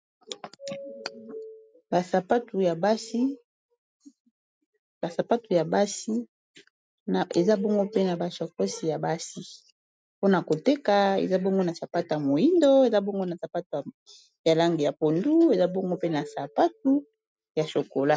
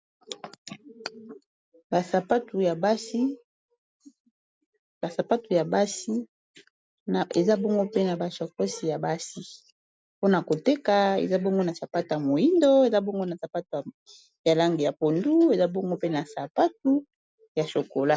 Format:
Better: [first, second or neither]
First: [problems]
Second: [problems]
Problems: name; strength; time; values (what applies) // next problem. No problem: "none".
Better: second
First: noise reduction (neural mask model RNNoise)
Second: none